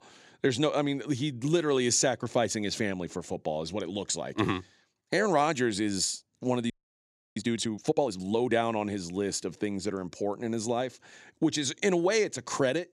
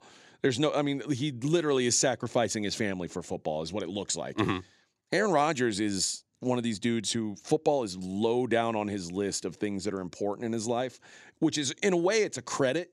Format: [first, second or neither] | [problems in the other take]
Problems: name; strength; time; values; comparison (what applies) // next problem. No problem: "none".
second | audio freezing; at 6.5 s for 0.5 s